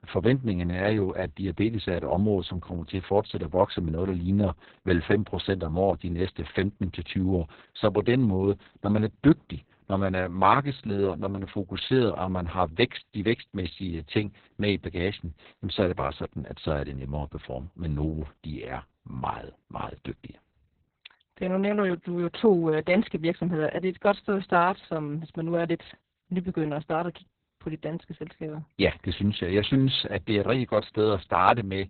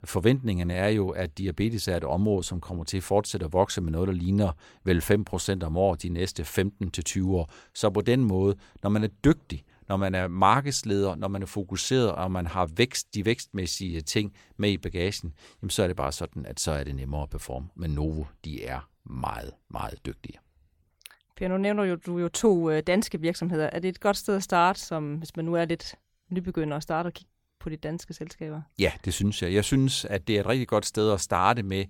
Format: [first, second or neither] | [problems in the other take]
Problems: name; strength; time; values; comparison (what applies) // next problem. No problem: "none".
second | garbled, watery; badly; nothing above 4 kHz